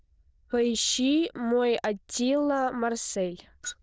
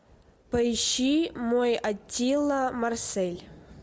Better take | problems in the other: second | noise reduction (neural diffusion model UNIVERSE++)

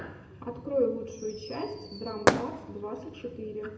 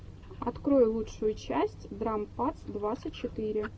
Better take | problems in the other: second | background sound (Fireworks); 2 dB above the speech // room echo; dies away in 0.8 s

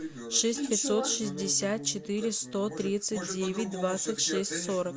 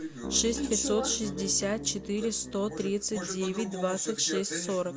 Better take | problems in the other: first | background sound (Keyboard (musical)); 14 dB below the speech

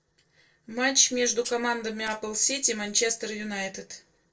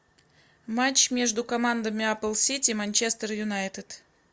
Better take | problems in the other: second | noise reduction (neural separator model SepFormer DNS4)

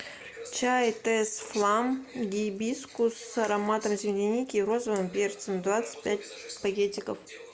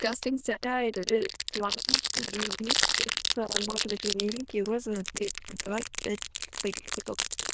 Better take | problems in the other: first | noise reduction (neural diffusion model UNIVERSE++)

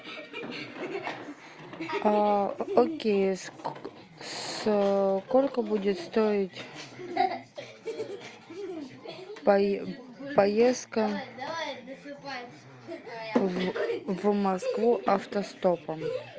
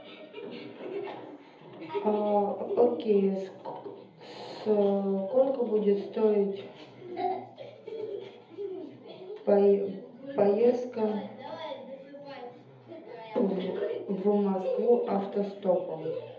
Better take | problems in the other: first | room echo; dies away in 0.7 s

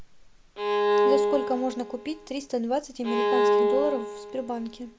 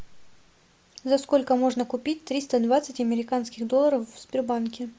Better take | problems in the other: second | background sound (Bowed string instrument); 4 dB above the speech

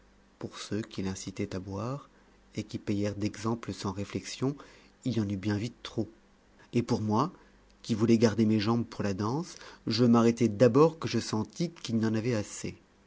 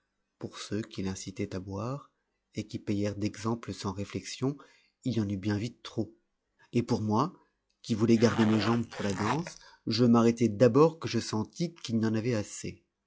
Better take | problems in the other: first | noise reduction (classical method log-MMSE)

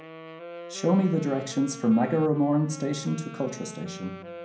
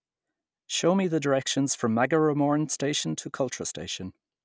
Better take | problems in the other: second | background sound (Wind instrument, woodwind instrument); 16 dB below the speech // room echo; dies away in 0.5 s

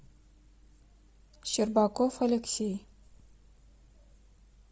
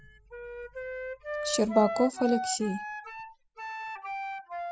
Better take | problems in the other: first | noise reduction (classical method spectral subtraction)

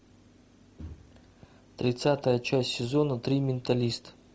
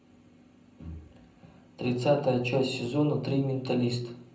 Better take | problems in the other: first | room echo; dies away in 0.6 s

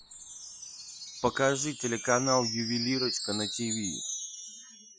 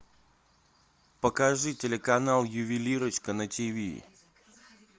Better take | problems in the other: second | noise reduction (classical method Wiener filter)

